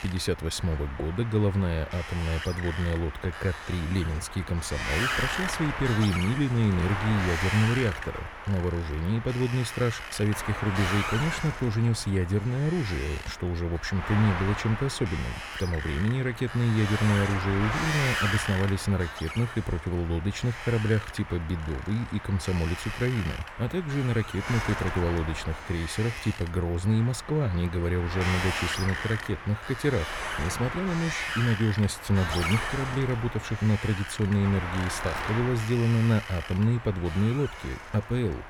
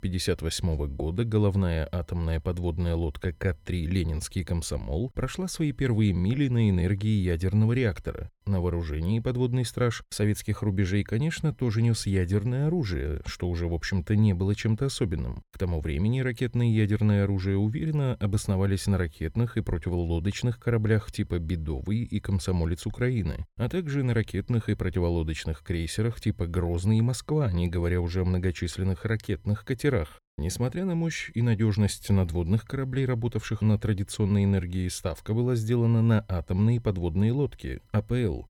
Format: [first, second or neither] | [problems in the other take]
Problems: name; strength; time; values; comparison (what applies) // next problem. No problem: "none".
second | wind noise on the microphone; heavy; 1 dB above the speech